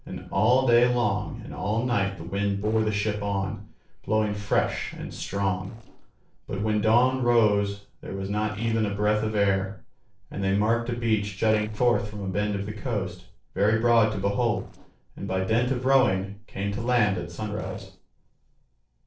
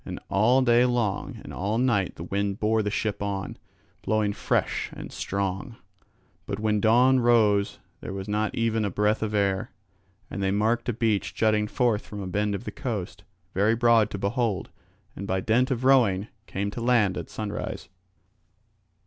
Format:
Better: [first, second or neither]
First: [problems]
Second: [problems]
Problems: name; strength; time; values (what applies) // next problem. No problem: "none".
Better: second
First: noise reduction (neural separator model SepFormer DNS4)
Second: none